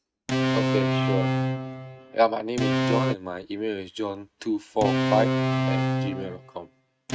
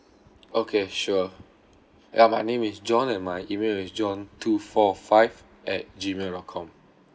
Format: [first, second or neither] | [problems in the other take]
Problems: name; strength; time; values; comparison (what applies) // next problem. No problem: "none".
second | noise reduction (neural mask model RNNoise)